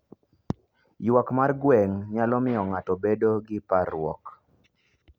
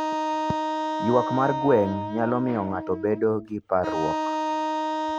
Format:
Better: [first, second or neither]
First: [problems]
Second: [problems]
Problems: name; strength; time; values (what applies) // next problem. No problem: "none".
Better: first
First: none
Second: background sound (Wind instrument, woodwind instrument); 2 dB below the speech